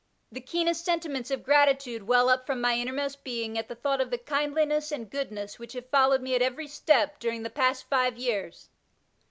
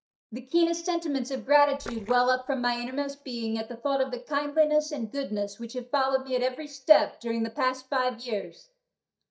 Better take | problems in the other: first | noise reduction (neural mask model DeepFilterNet 3)

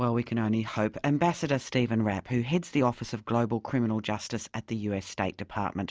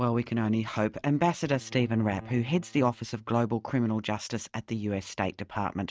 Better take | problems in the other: first | noise reduction (neural mask model RNNoise)

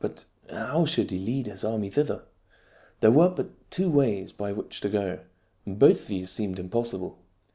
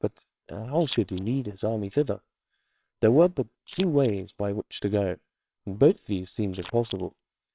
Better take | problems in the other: first | noise reduction (neural separator model SepFormer WHAMR!)

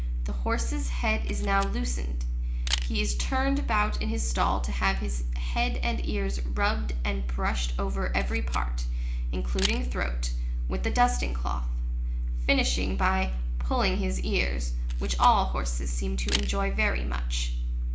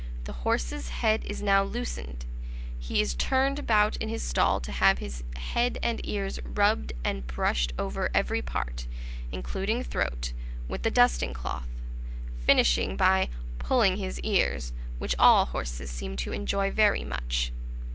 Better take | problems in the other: second | background sound (Camera); 15 dB below the speech // room echo; dies away in 0.4 s

